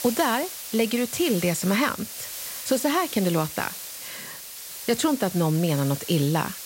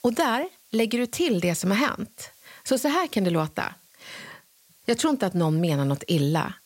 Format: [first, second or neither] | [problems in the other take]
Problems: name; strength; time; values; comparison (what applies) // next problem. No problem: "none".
second | hiss; loud; throughout; 9 dB below the speech; faint in the second